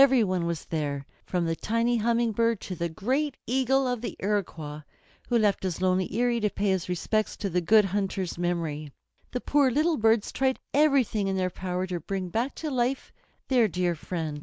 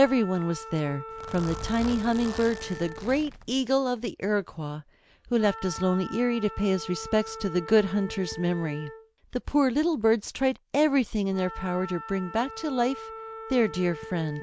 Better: first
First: none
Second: background sound (Wind instrument, woodwind instrument + Zipper (clothing)); 14 dB below the speech

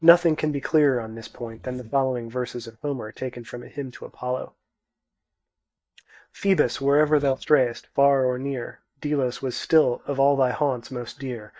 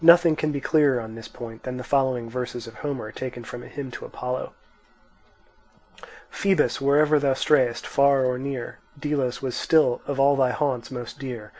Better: second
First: noise reduction (neural mask model DeepFilterNet 3)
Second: none

